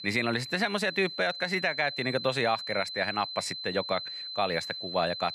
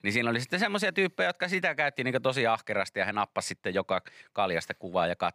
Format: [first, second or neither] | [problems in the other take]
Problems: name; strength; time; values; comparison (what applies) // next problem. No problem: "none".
second | high-pitched whine; loud; throughout; 4 kHz, 7 dB below the speech